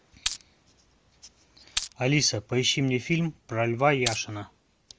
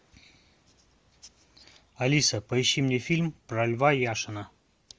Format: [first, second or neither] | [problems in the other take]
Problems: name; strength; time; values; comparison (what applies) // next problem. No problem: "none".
second | background sound (Glass); 6 dB below the speech